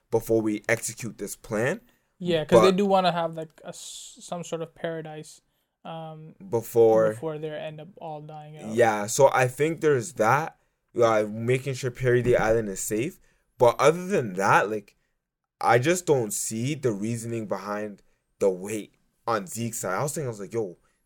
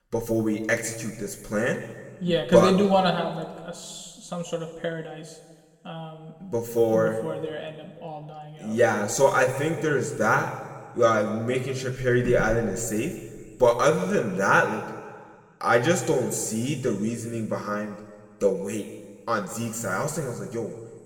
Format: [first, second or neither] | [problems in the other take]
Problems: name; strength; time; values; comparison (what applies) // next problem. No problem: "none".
first | room echo; noticeable; dies away in 1.4 s // off-mic speech; somewhat distant